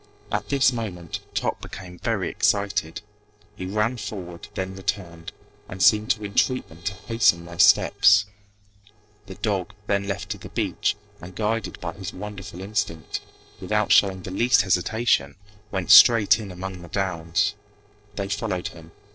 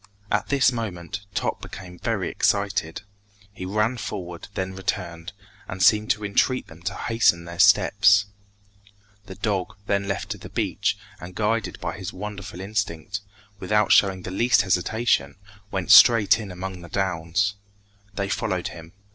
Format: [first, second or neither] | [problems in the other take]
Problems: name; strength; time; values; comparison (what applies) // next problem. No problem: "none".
second | noise reduction (neural separator model SepFormer DNS4)